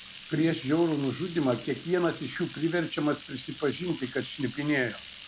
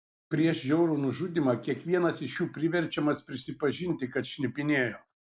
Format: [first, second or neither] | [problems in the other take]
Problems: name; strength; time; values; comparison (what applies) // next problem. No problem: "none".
second | background sound (Bathtub (filling or washing)); 17 dB below the speech